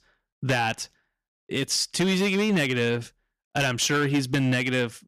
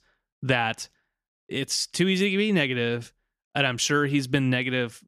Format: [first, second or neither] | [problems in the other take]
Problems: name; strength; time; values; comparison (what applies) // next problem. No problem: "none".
second | distortion; slight; 8% of the sound clipped